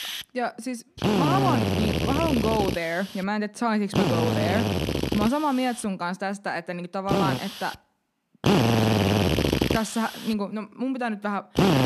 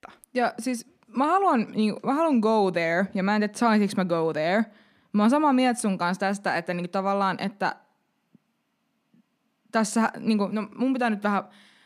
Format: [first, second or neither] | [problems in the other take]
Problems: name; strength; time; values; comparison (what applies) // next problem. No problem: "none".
second | machinery noise; very loud; throughout; 3 dB above the speech